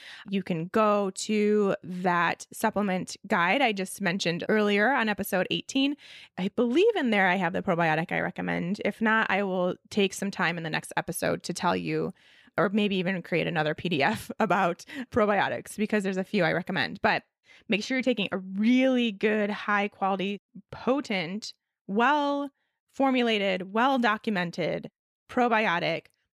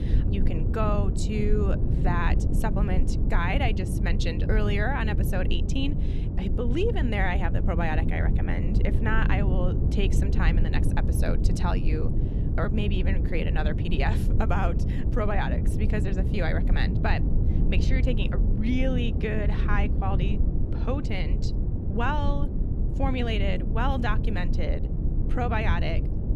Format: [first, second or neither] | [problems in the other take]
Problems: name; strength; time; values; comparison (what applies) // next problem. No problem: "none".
first | low rumble; loud; throughout; 7 dB below the speech